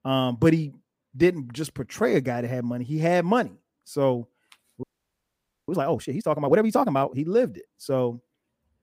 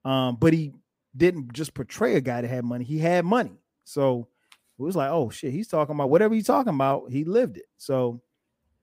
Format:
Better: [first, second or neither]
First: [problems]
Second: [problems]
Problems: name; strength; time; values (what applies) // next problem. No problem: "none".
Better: second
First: audio freezing; at 5 s for 1 s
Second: none